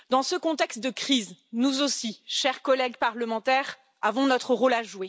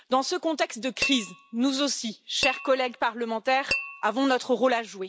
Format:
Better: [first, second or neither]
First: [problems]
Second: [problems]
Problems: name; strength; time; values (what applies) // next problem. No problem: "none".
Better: first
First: none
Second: background sound (Tap / Glass); 9 dB below the speech